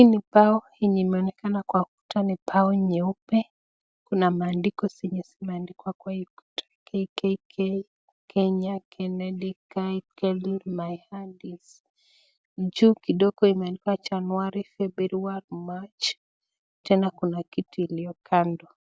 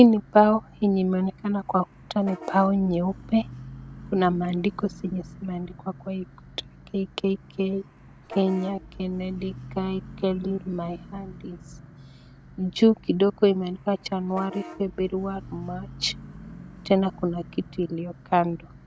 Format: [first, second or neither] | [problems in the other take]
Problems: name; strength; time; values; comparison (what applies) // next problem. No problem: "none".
first | background sound (Bus / Vehicle horn, car horn, honking); 17 dB below the speech